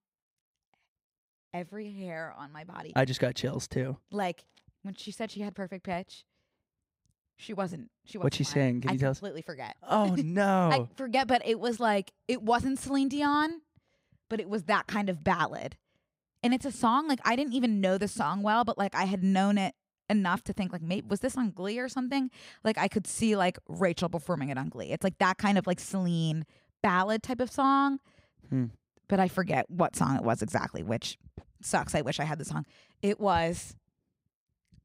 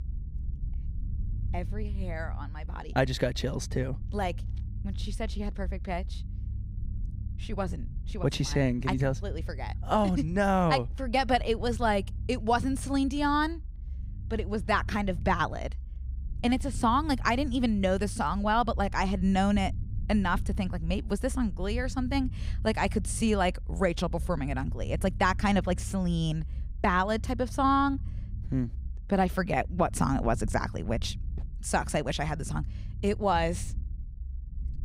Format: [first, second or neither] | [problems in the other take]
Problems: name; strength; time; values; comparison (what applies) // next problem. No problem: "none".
first | low rumble; faint; throughout; 25 dB below the speech